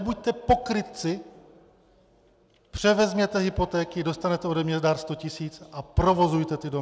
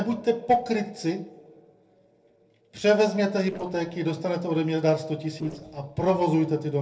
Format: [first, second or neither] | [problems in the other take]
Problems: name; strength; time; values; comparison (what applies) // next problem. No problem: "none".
first | noise reduction (neural separator model SepFormer DNS4)